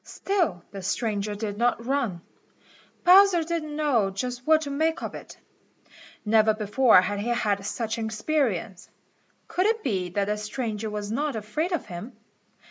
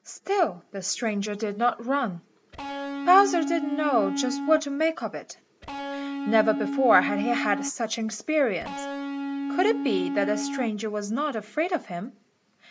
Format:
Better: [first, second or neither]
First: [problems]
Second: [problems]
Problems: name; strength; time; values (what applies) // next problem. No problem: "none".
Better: first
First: none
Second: background sound (Electric guitar); 4 dB below the speech